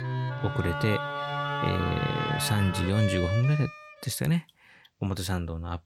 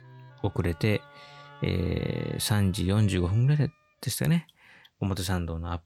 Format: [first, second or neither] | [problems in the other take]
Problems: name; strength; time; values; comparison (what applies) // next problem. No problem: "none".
second | background music; loud; until 3.5 s; 3 dB below the speech; faint in the second